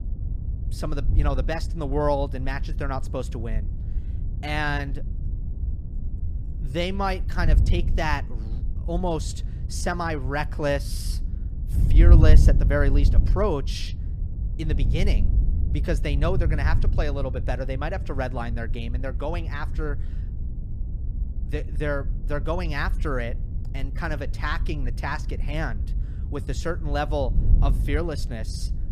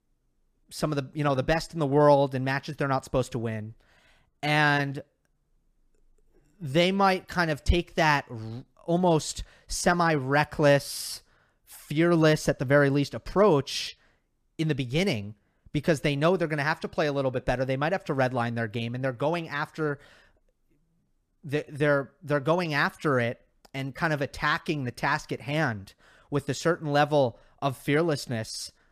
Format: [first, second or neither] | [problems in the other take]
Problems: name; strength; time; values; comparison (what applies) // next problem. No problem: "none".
second | wind noise on the microphone; occasional gusts; 15 dB below the speech